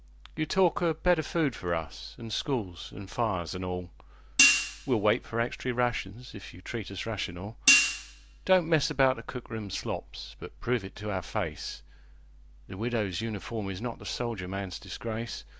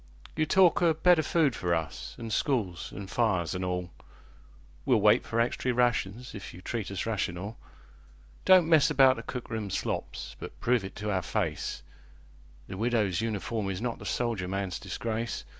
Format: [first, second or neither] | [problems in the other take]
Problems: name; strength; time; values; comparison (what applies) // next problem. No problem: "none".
second | background sound (Hi-hat); 2 dB above the speech